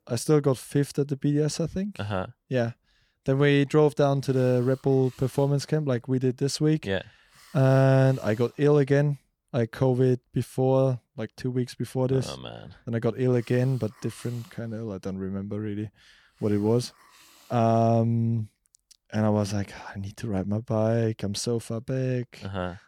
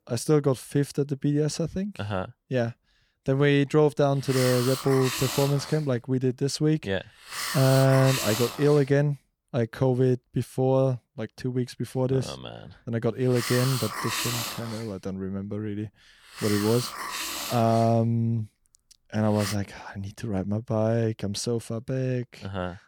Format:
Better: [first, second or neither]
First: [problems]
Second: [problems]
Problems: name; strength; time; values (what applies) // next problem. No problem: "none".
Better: first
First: hiss; faint; from 3.5 to 9 s and from 12 to 20 s; 30 dB below the speech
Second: hiss; loud; from 3.5 to 9 s and from 12 to 20 s; 5 dB below the speech